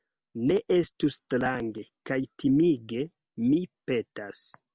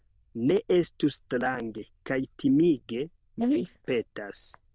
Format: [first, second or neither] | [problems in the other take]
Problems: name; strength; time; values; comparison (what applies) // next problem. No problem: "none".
first | noise reduction (neural diffusion model UNIVERSE++)